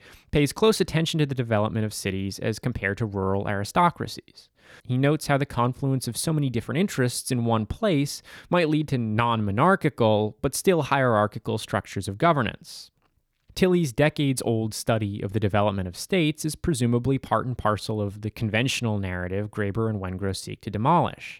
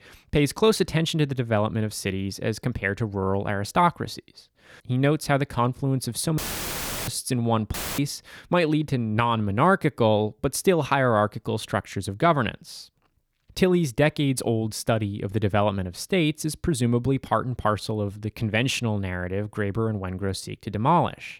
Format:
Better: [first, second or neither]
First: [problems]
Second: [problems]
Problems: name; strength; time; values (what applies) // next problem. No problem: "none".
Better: first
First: none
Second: audio cutting out; filled with static; at 6.5 s for 0.5 s and at 7.5 s